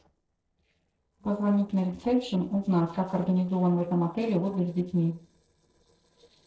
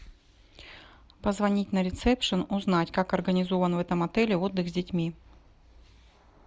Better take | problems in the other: second | noise reduction (neural separator model SepFormer DNS4)

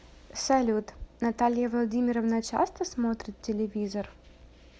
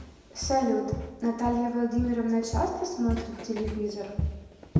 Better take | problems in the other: first | background sound (Walk, footsteps); 6 dB below the speech // room echo; dies away in 1 s

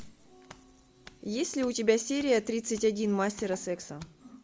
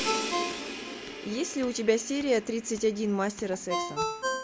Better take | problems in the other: first | background sound (Crash cymbal + Ringtone); 4 dB below the speech

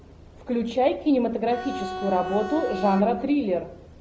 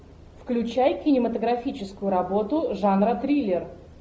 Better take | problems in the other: second | background sound (Bowed string instrument); 8 dB below the speech

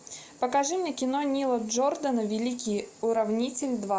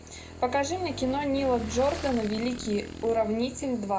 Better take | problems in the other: first | background sound (Motorcycle / Engine); 12 dB below the speech // room echo; dies away in 0.2 s

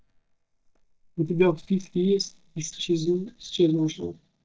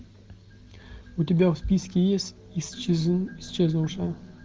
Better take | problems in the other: second | noise reduction (neural mask model DeepFilterNet 3)

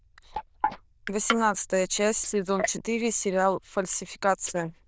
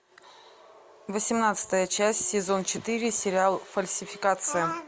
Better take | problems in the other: second | noise reduction (neural diffusion model UNIVERSE++)

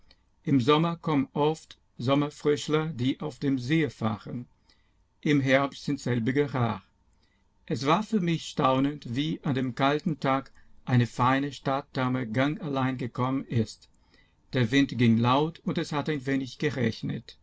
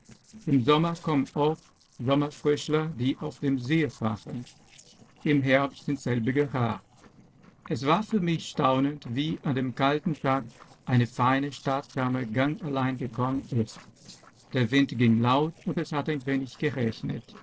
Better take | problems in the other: first | noise reduction (neural separator model SepFormer DNS4)

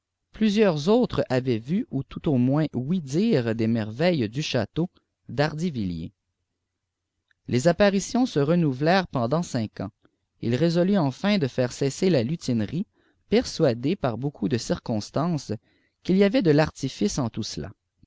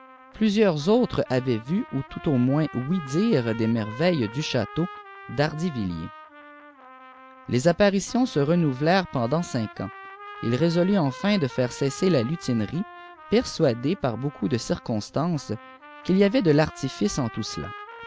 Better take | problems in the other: first | background sound (Trumpet); 18 dB below the speech

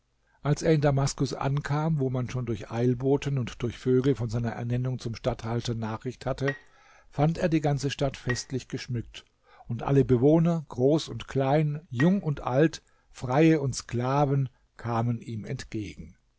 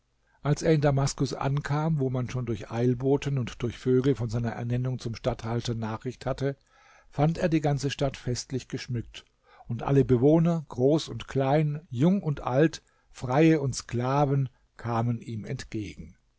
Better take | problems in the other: second | background sound (Bowed string instrument); 18 dB below the speech

